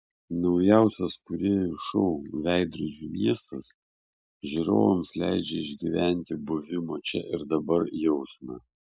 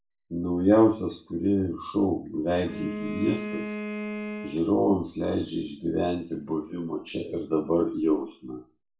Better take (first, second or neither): first